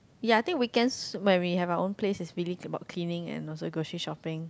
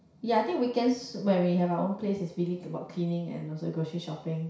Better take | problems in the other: first | room echo; dies away in 0.6 s

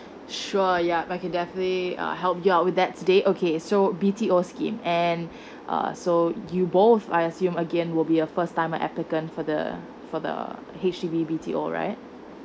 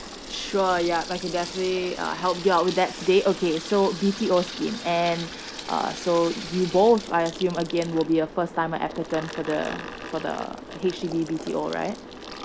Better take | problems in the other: first | background sound (Sink (filling or washing) / Water tap, faucet); 13 dB below the speech

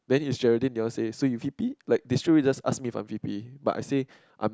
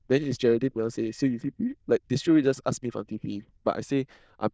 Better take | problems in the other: first | noise reduction (neural diffusion model UNIVERSE++)

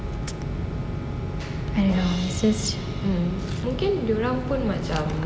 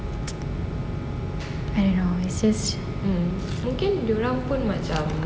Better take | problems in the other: second | background sound (Crash cymbal); 19 dB below the speech

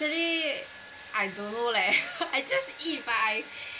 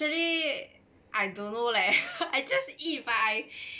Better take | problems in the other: second | background sound (Domestic sounds, home sounds); 16 dB below the speech

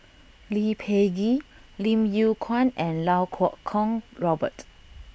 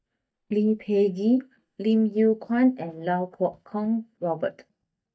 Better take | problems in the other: first | noise reduction (neural mask model DeepFilterNet 3)

